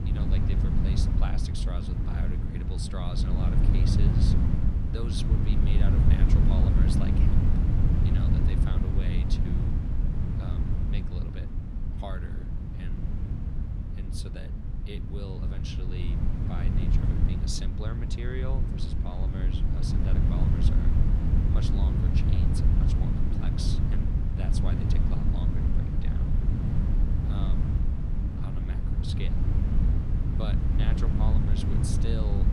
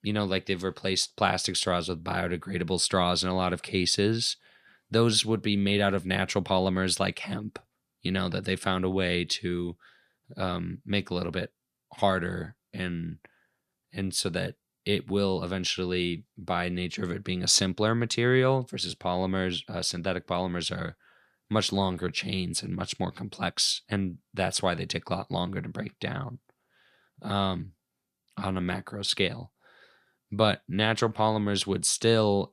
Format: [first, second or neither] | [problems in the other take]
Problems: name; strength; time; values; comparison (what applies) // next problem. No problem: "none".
second | wind noise on the microphone; heavy; 3 dB above the speech